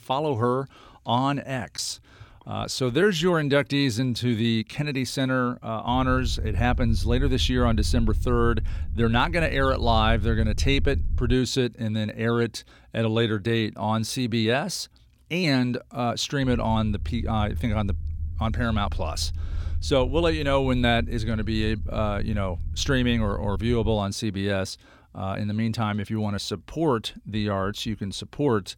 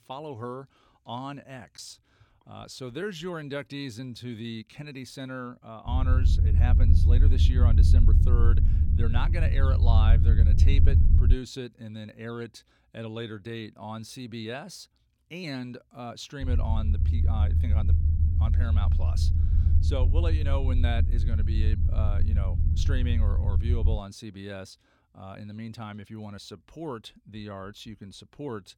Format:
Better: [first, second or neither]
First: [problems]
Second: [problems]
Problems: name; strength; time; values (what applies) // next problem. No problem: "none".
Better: first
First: low rumble; faint; from 6 to 11 s and from 16 to 24 s; 25 dB below the speech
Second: low rumble; loud; from 6 to 11 s and from 16 to 24 s; 3 dB below the speech